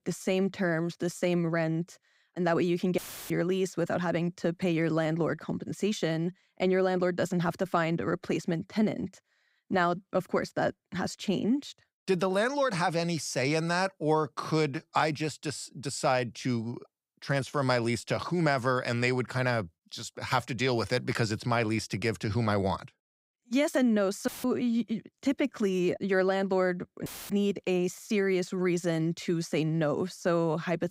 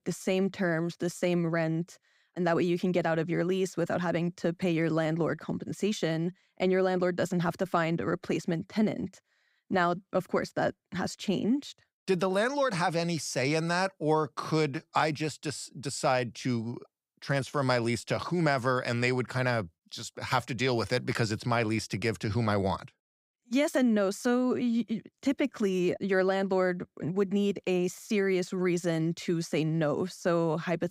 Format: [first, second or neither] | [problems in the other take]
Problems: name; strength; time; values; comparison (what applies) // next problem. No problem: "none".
second | audio cutting out; filled with static; at 3 s, at 24 s and at 27 s